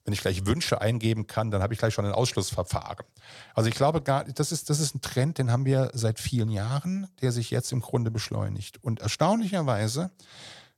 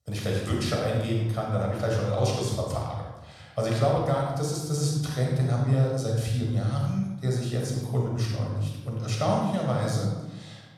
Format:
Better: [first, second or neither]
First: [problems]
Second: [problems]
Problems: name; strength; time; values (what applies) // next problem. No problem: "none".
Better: first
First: none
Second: off-mic speech; somewhat distant // room echo; noticeable; dies away in 1 s